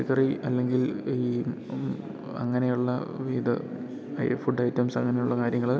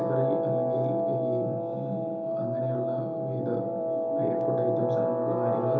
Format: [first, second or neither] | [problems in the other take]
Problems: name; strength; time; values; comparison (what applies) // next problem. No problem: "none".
first | background sound (Guitar); 4 dB above the speech // room echo; dies away in 1.2 s